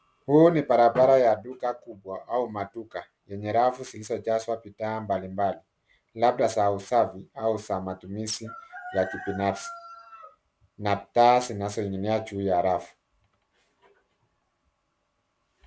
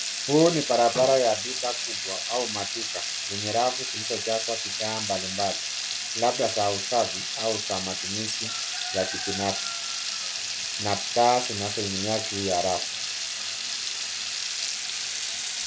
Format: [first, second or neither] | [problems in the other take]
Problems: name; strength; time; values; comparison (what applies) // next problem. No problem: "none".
first | background sound (Water tap, faucet / Liquid); 2 dB below the speech